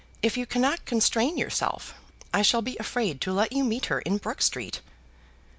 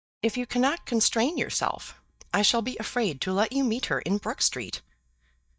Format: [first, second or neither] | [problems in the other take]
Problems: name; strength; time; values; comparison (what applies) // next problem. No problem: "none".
first | noise reduction (neural mask model DeepFilterNet 3)